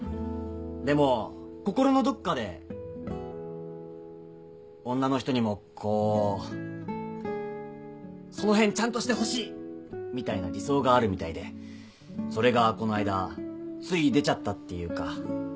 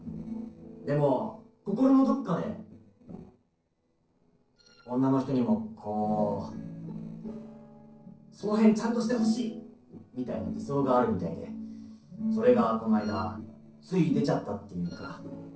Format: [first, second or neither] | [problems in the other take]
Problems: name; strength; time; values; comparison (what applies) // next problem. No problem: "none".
first | noise reduction (neural separator model SepFormer DNS4)